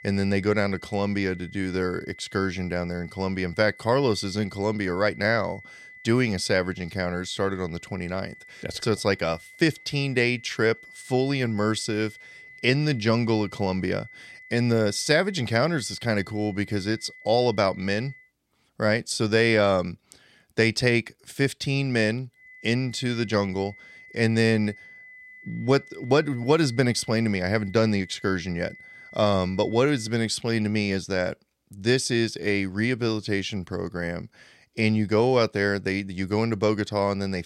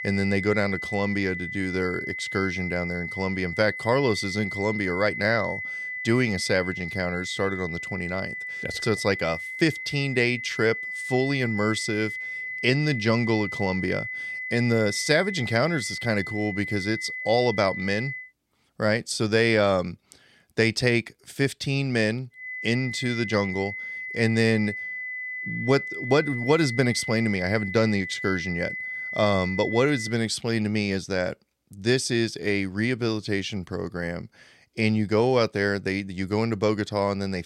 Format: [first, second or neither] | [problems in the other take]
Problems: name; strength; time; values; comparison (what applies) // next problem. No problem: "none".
first | high-pitched whine; loud; until 18 s and from 22 to 30 s; 2 kHz, 6 dB below the speech; faint in the first